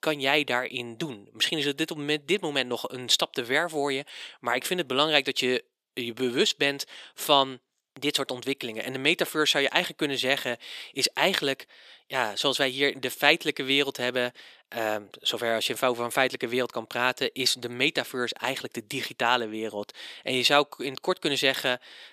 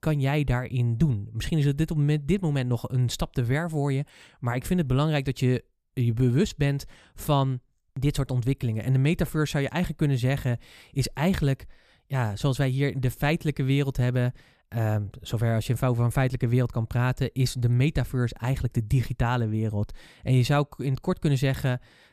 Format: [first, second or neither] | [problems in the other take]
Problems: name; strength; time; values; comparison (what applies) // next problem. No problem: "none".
second | thin; very; fading below 350 Hz